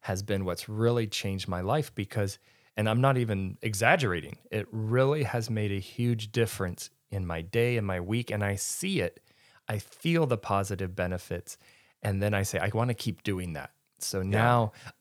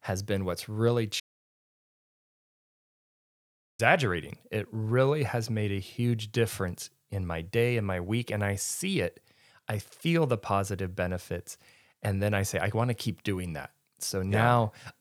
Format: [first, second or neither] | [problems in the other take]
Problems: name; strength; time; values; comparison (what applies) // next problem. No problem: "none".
first | audio cutting out; at 1 s for 2.5 s